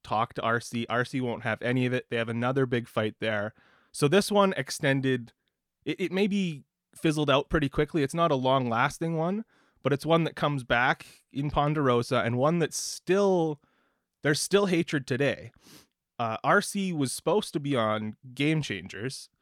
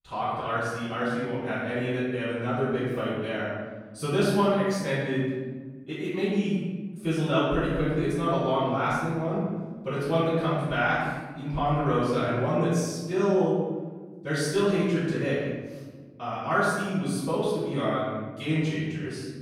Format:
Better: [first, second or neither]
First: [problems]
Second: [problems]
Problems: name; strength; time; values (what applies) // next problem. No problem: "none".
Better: first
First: none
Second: room echo; strong; dies away in 1.3 s // off-mic speech; far